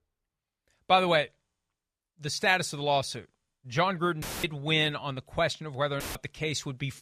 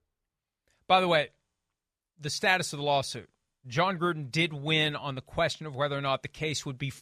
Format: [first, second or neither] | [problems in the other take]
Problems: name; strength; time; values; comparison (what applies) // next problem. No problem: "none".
second | audio cutting out; filled with static; at 4 s and at 6 s